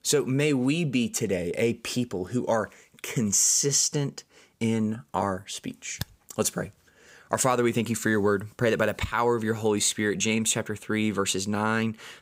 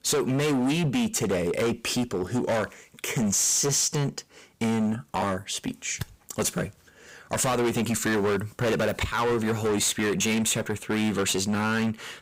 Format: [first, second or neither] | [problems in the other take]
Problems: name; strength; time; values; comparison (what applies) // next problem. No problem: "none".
first | distortion; heavy; 20% of the sound clipped